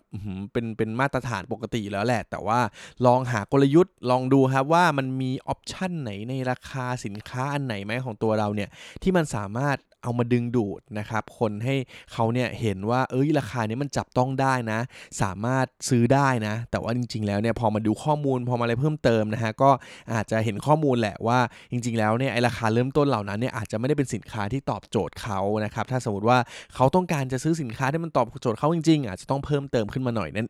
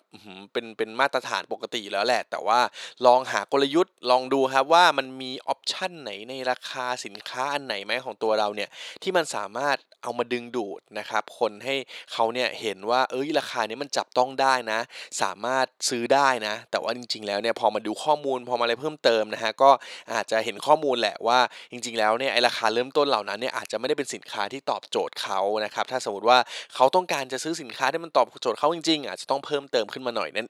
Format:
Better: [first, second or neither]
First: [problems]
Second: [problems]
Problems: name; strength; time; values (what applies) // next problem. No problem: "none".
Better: first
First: none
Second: thin; very; fading below 550 Hz